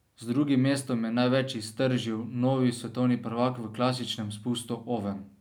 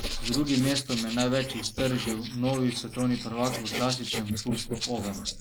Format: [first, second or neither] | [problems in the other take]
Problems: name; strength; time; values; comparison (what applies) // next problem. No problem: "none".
first | noise reduction (neural mask model Resemble Enhance denoiser)